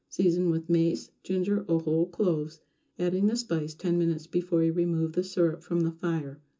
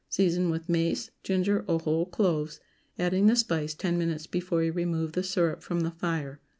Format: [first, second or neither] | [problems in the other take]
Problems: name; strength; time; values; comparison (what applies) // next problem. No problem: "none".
second | room echo; dies away in 0.2 s